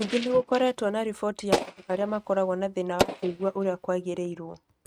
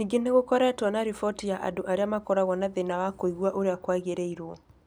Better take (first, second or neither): second